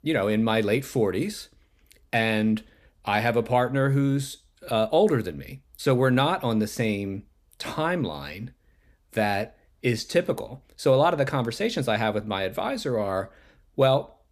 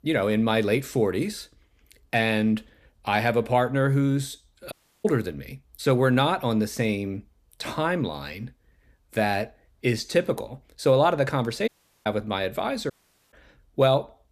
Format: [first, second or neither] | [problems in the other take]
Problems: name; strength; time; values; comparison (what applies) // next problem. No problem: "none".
first | audio cutting out; at 4.5 s, at 12 s and at 13 s